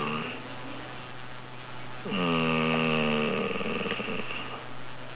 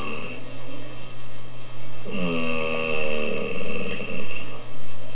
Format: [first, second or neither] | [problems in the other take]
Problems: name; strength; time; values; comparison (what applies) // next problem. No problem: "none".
first | room echo; dies away in 0.2 s